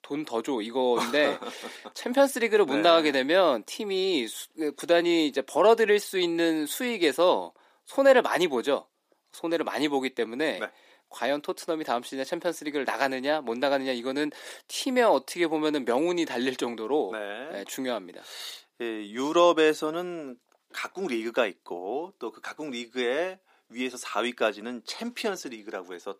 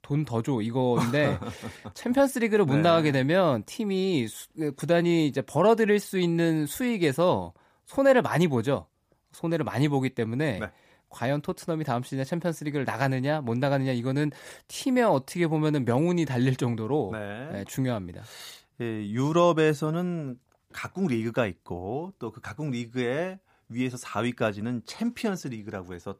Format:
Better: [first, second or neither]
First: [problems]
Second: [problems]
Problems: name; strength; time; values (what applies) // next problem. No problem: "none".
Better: second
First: thin; somewhat; fading below 300 Hz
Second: none